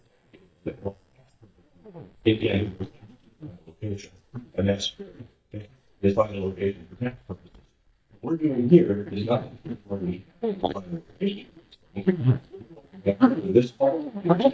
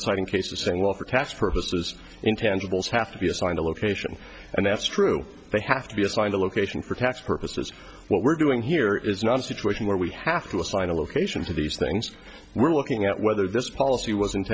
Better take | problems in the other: second | noise reduction (neural mask model DeepFilterNet 3)

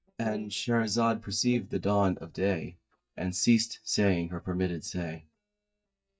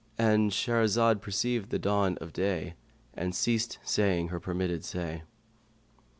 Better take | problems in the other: second | noise reduction (neural mask model DeepFilterNet 3)

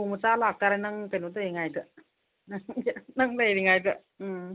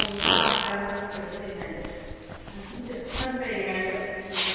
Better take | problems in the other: first | background sound (Fart); 1 dB above the speech // room echo; dies away in 2.1 s

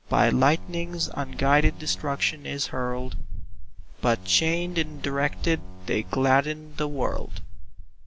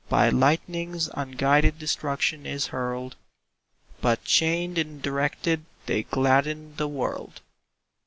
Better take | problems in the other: second | background sound (Boat, Water vehicle); 4 dB below the speech

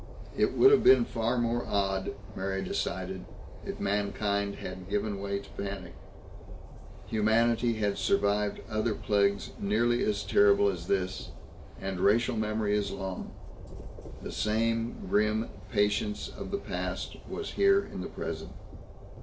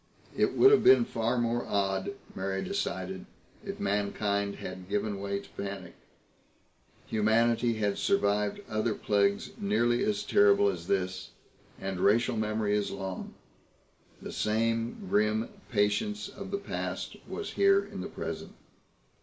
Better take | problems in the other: second | background sound (Train); 12 dB below the speech

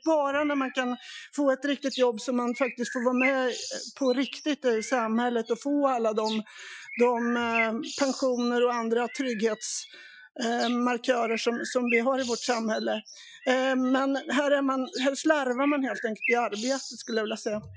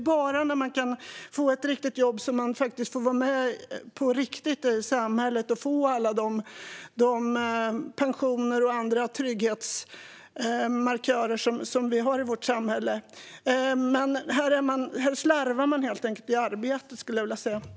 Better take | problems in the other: second | noise reduction (classical method Wiener filter)

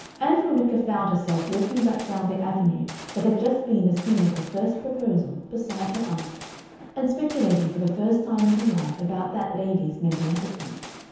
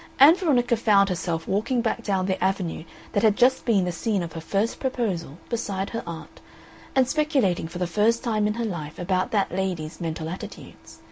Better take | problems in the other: second | background sound (Gunshot, gunfire); 18 dB below the speech // room echo; dies away in 0.9 s

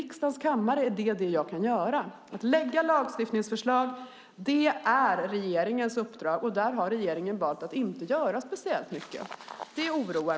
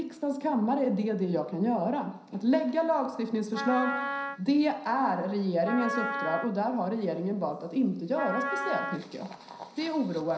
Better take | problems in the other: first | background sound (Wind instrument, woodwind instrument); 6 dB below the speech // room echo; dies away in 0.5 s

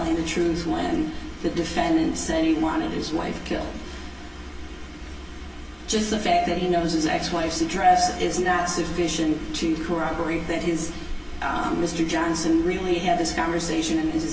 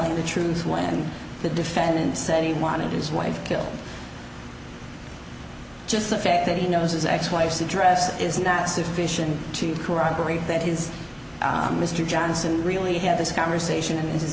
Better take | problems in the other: second | background sound (Accelerating, revving, vroom); 17 dB below the speech // room echo; dies away in 0.1 s

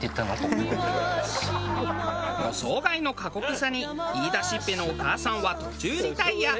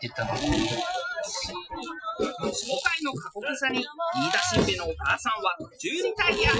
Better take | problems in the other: first | noise reduction (classical method Wiener filter)

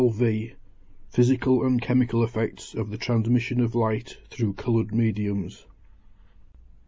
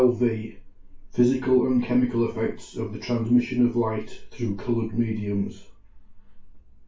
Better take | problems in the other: first | room echo; dies away in 0.2 s

